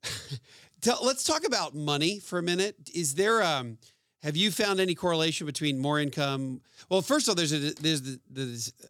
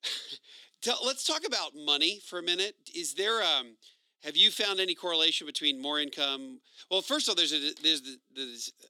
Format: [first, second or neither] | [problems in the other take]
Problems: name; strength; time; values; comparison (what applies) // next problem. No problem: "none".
first | thin; very slightly; fading below 250 Hz